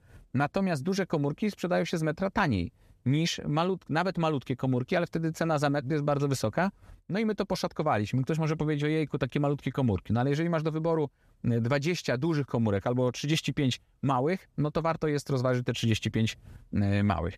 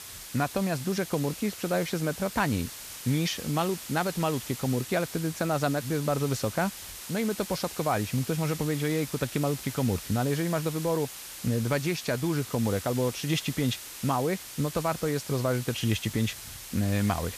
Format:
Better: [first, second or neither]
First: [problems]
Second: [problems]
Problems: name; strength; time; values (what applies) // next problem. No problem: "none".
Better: first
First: none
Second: hiss; loud; throughout; 10 dB below the speech